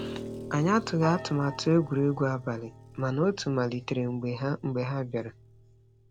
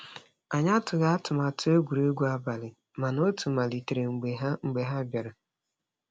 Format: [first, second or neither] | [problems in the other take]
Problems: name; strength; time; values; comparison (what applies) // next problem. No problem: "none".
second | background sound (Piano); 14 dB below the speech